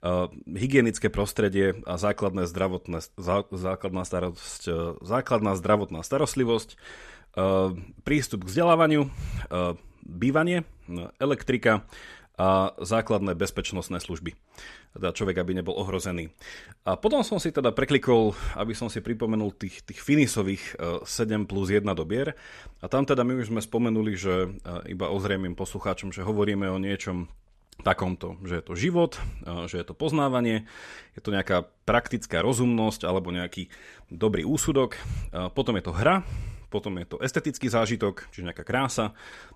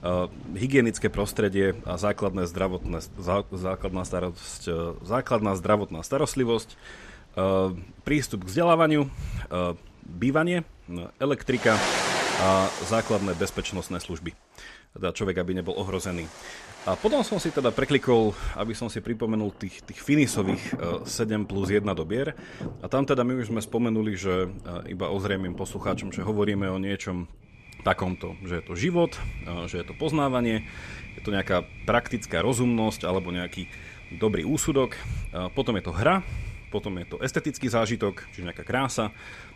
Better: first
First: none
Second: rain or running water; noticeable; throughout; 10 dB below the speech

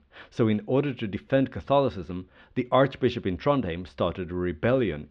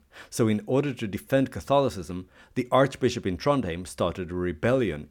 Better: second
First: muffled; slightly; fading above 3.5 kHz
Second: none

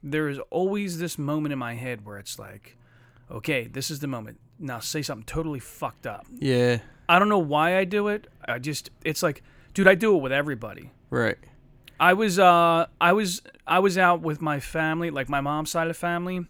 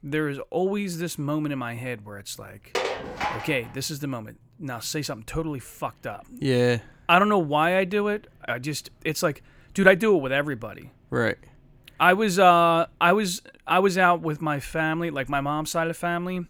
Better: first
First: none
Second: clattering dishes; noticeable; at 3 s; peak 4 dB below the speech

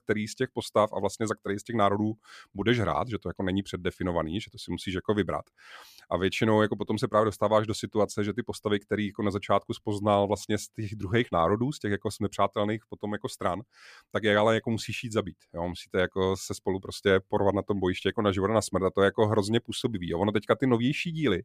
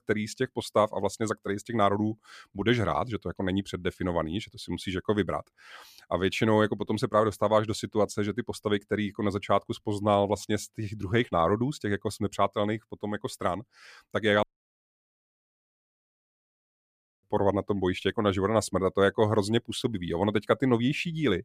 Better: first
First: none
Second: audio cutting out; at 14 s for 3 s

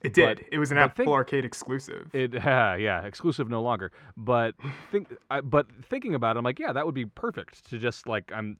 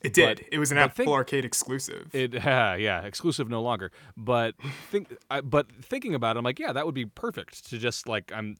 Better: second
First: muffled; slightly; fading above 1.5 kHz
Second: none

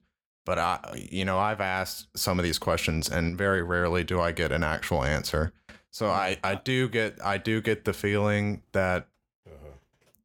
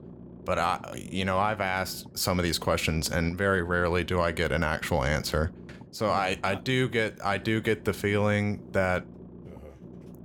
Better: first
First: none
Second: low rumble; faint; throughout; 25 dB below the speech

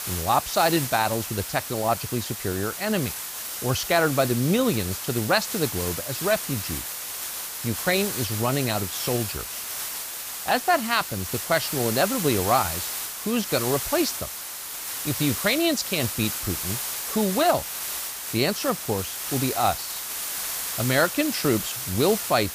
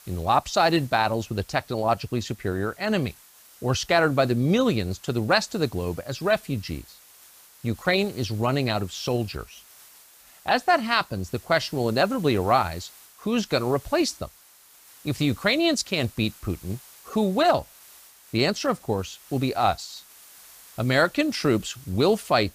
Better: second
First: hiss; loud; throughout; 4 dB below the speech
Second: hiss; faint; throughout; 25 dB below the speech

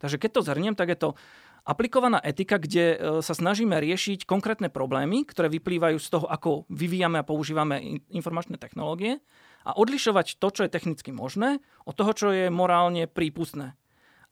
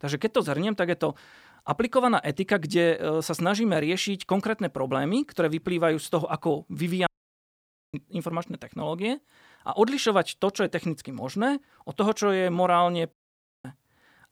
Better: first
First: none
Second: audio cutting out; at 7 s for 1 s and at 13 s for 0.5 s

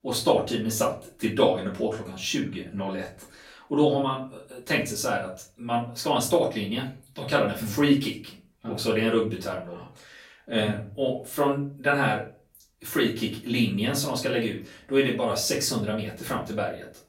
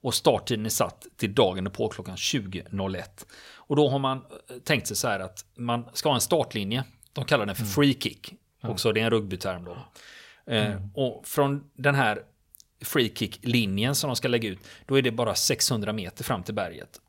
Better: second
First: off-mic speech; far // room echo; slight; dies away in 0.3 s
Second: none

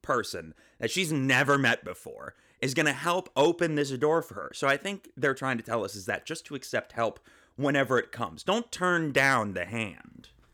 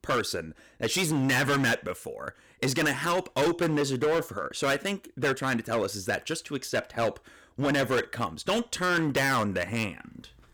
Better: first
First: none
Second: distortion; heavy; 12% of the sound clipped

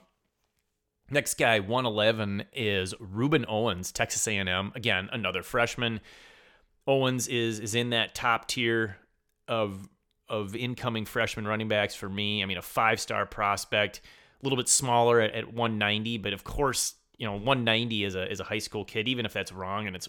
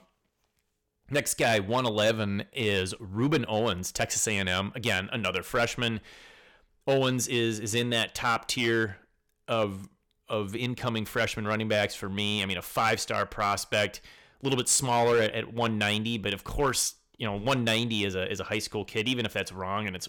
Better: first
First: none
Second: distortion; slight; 3% of the sound clipped

